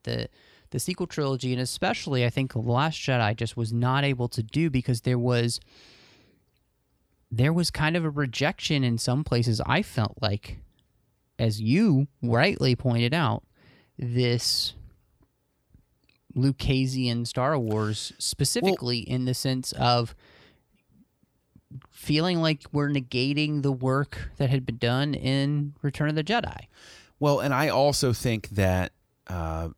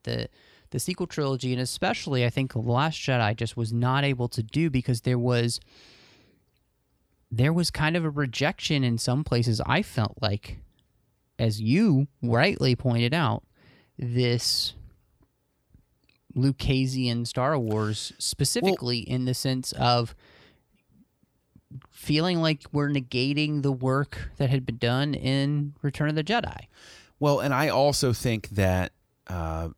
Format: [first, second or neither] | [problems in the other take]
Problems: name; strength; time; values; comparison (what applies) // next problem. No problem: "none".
neither | none